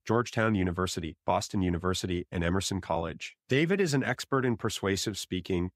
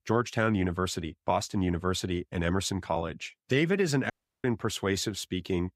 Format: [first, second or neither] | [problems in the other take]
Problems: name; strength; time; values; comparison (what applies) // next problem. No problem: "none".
first | audio cutting out; at 4 s